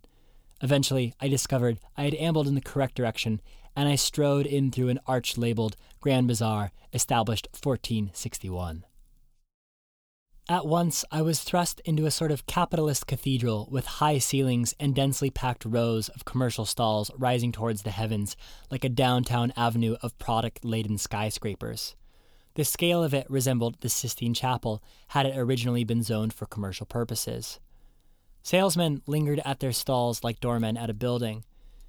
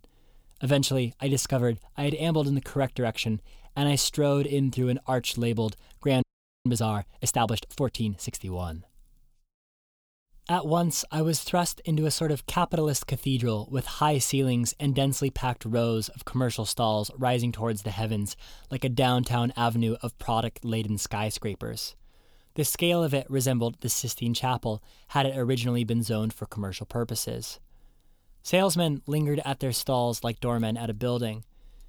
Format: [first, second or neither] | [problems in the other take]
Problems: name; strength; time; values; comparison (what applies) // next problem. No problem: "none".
first | audio freezing; at 6 s